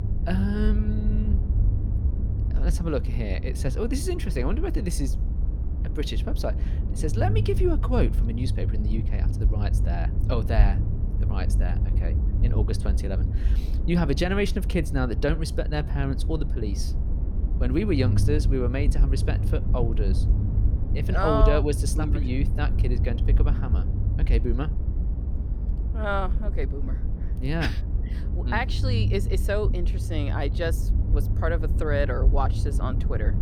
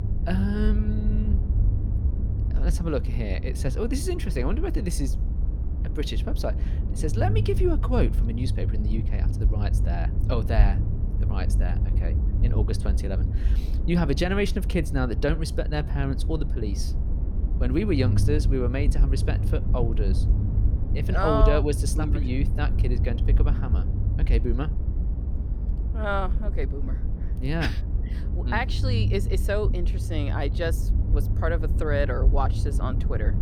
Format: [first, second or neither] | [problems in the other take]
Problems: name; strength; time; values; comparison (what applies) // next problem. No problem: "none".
neither | low rumble; noticeable; throughout; 10 dB below the speech; the same in both